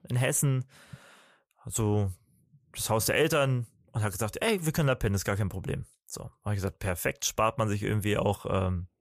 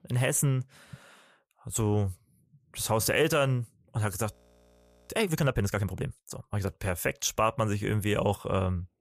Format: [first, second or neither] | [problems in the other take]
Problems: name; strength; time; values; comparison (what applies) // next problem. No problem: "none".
first | audio freezing; at 4.5 s for 1 s